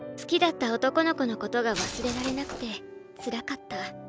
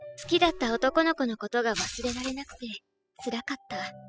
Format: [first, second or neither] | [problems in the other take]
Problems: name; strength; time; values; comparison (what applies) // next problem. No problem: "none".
first | noise reduction (classical method spectral subtraction)